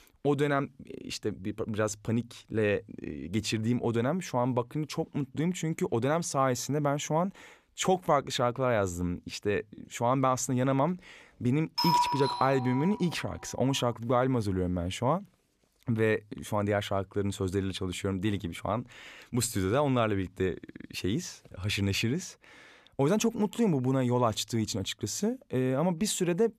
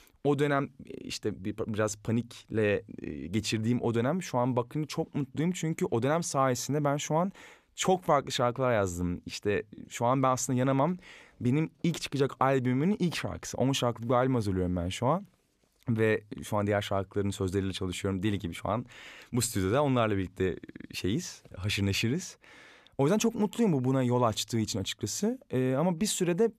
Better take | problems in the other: second | doorbell; loud; from 12 to 13 s; peak 4 dB above the speech

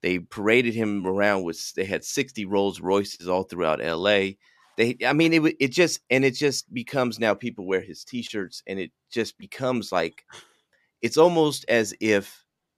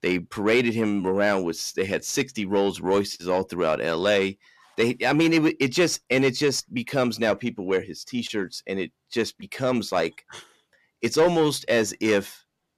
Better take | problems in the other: first | distortion; slight; 10 dB below the speech

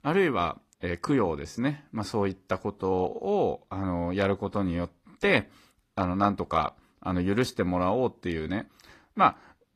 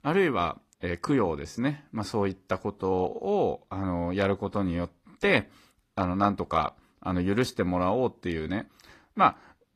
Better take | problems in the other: neither | garbled, watery; slightly; nothing above 15 kHz; the same in both

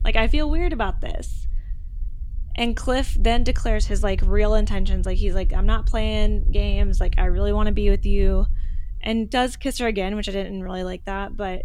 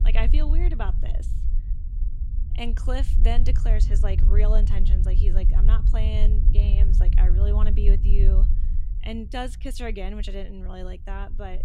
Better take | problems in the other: first | low rumble; loud; throughout; 7 dB below the speech; faint in the first

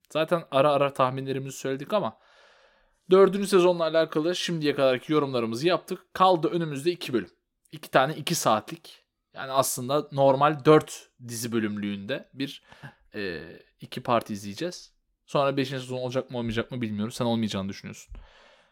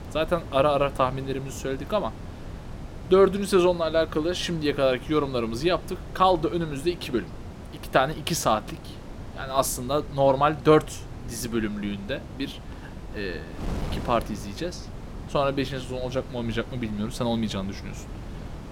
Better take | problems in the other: first | wind noise on the microphone; occasional gusts; 20 dB below the speech

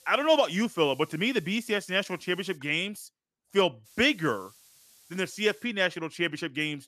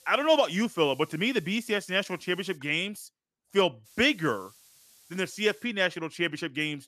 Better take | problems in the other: neither | hiss; faint; until 2.5 s and from 4 to 5.5 s; 25 dB below the speech; the same in both

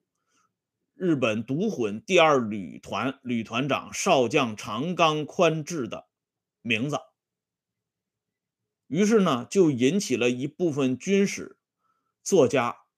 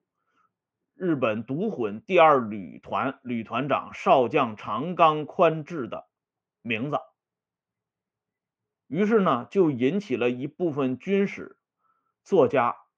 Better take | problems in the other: first | muffled; very; fading above 2 kHz

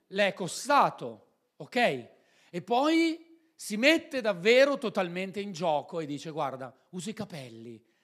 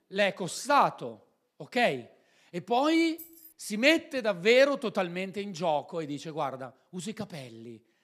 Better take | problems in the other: first | jangling keys; faint; at 3 s; peak 20 dB below the speech

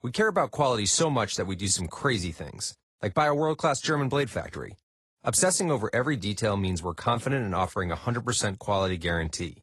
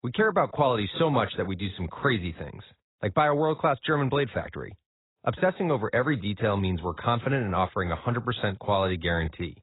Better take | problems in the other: first | garbled, watery; badly; nothing above 4 kHz; slightly in the first

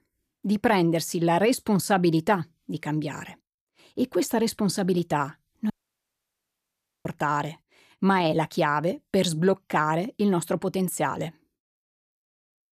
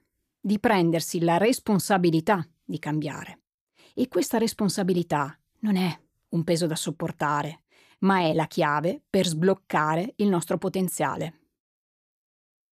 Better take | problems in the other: second | audio cutting out; at 5.5 s for 1.5 s

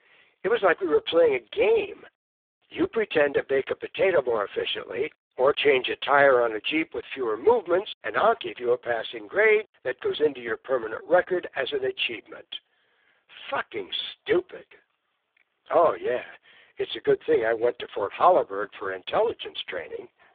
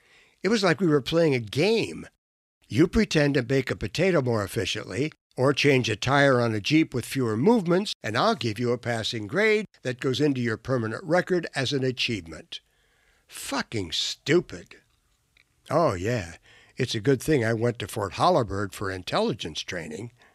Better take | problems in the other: second | phone-call audio; poor line; nothing above 3.5 kHz

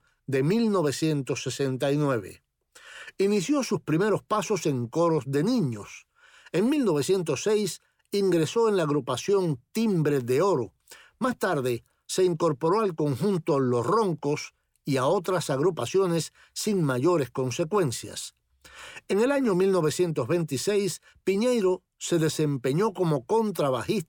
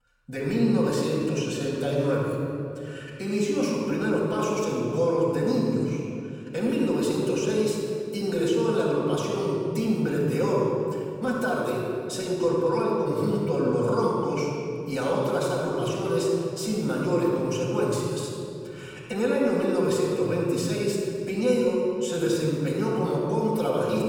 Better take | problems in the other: first | room echo; strong; dies away in 2.4 s // off-mic speech; far

